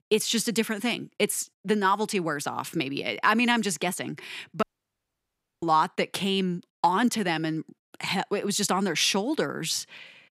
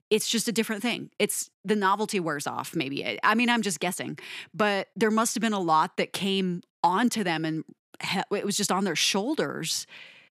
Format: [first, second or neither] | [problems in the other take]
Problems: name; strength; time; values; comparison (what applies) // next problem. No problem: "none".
second | audio cutting out; at 4.5 s for 1 s